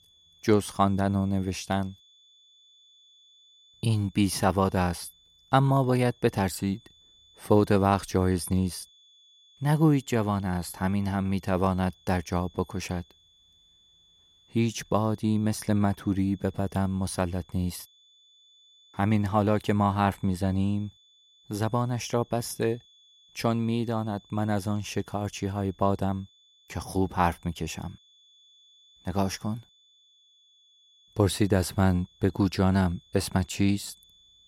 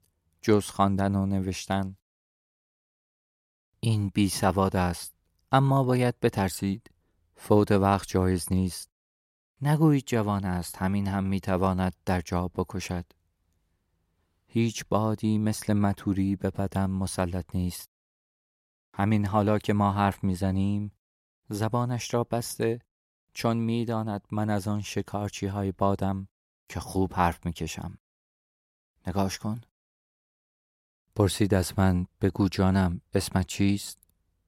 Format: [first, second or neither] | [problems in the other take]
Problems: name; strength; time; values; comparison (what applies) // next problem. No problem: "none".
second | high-pitched whine; faint; throughout; 3.5 kHz, 30 dB below the speech